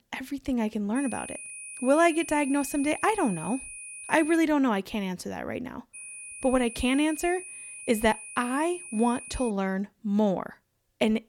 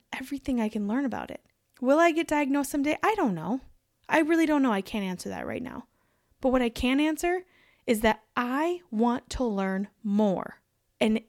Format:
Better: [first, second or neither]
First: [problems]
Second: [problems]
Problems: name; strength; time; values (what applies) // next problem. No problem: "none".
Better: second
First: high-pitched whine; noticeable; from 1 to 4.5 s and from 6 to 9.5 s; 2.5 kHz, 10 dB below the speech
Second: none